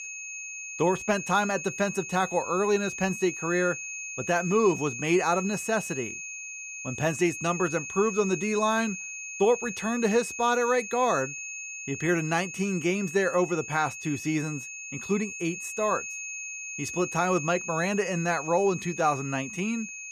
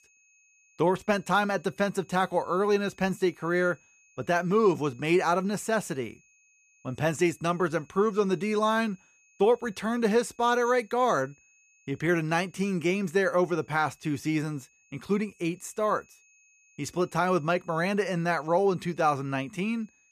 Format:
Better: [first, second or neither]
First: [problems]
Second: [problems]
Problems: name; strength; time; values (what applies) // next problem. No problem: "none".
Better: second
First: high-pitched whine; loud; throughout; 2.5 kHz, 8 dB below the speech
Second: high-pitched whine; faint; throughout; 2.5 kHz, 35 dB below the speech